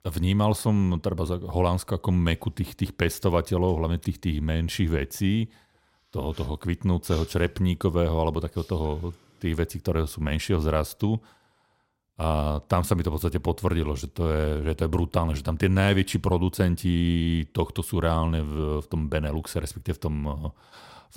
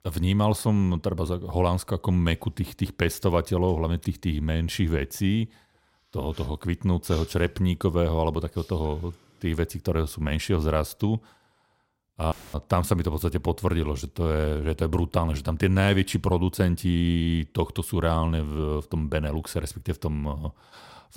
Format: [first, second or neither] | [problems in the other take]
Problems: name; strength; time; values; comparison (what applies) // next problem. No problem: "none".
first | audio cutting out; filled with static; at 12 s